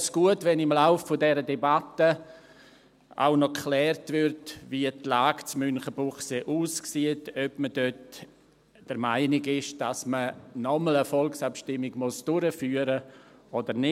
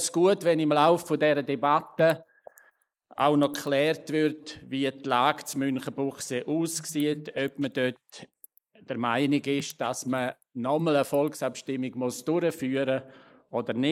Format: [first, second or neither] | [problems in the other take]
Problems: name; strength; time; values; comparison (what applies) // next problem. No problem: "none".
first | noise reduction (neural mask model Resemble Enhance denoiser)